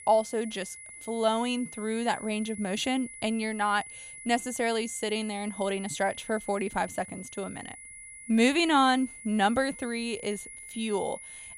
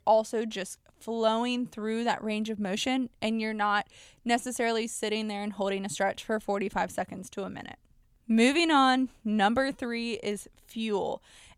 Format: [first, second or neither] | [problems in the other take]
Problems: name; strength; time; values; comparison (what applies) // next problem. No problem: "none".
second | high-pitched whine; noticeable; throughout; 2 kHz, 15 dB below the speech